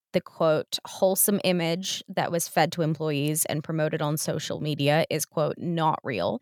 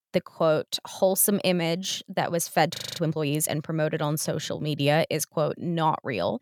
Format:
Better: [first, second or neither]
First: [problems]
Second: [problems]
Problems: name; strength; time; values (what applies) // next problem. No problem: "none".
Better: first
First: none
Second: audio freezing; at 3 s